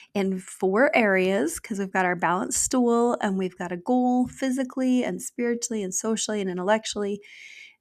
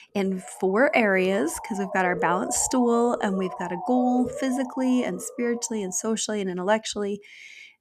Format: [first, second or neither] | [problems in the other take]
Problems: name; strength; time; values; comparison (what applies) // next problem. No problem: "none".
first | siren; noticeable; until 6 s; peak 7 dB below the speech